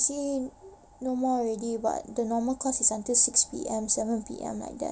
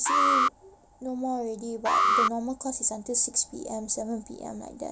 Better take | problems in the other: first | background sound (Alarm); 3 dB above the speech

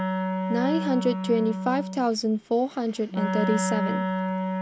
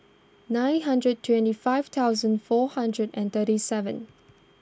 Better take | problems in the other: second | background sound (Wind instrument, woodwind instrument); 2 dB below the speech

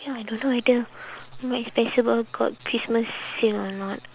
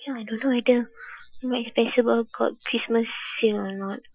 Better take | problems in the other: first | noise reduction (classical method Wiener filter)

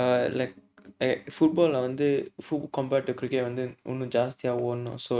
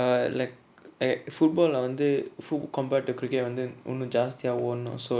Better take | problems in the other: second | noise reduction (neural mask model RNNoise)

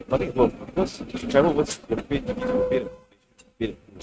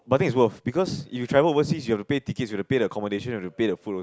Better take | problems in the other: second | noise reduction (neural mask model RNNoise)

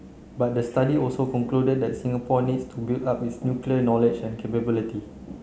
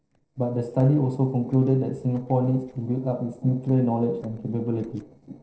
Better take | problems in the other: first | noise reduction (neural separator model SepFormer DNS4)

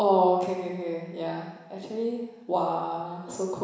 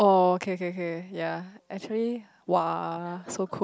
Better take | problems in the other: second | room echo; dies away in 1 s

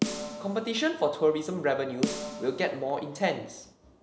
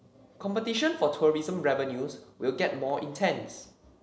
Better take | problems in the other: second | background sound (Snare drum); 8 dB below the speech

